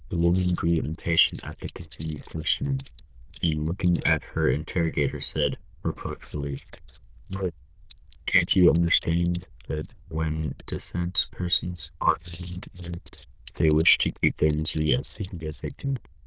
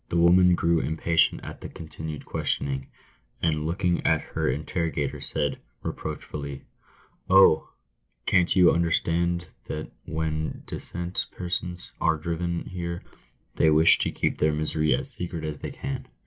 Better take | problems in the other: second | noise reduction (neural diffusion model UNIVERSE++)

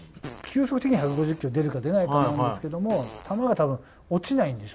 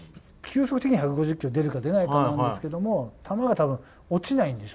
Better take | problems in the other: second | background sound (Fart); 18 dB below the speech

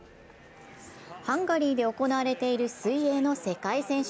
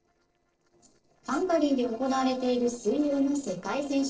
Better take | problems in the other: first | noise reduction (neural separator model SepFormer DNS4)

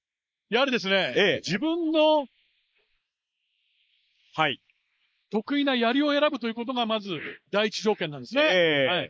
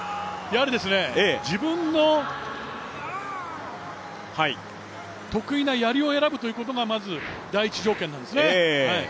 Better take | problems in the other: second | noise reduction (neural mask model Resemble Enhance denoiser)

